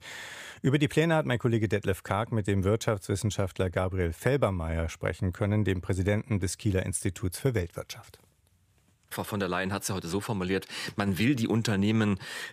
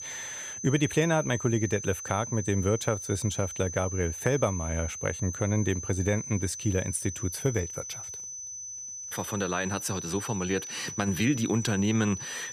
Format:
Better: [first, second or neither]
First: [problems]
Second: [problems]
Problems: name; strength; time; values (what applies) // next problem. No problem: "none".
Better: first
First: none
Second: high-pitched whine; loud; throughout; 6 kHz, 7 dB below the speech